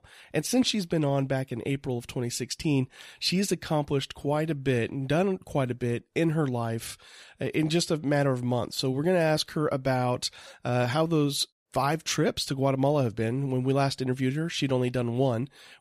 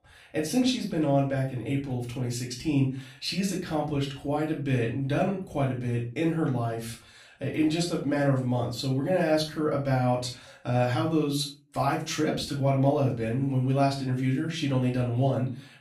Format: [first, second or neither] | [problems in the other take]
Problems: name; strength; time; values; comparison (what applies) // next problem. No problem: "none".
first | off-mic speech; far // room echo; slight; dies away in 0.3 s